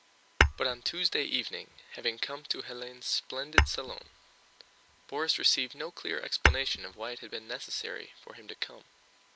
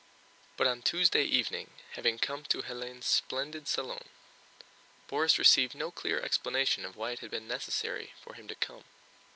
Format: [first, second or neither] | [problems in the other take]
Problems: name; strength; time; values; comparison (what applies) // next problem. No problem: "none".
second | background sound (Tap / Hammer / Glass); 1 dB above the speech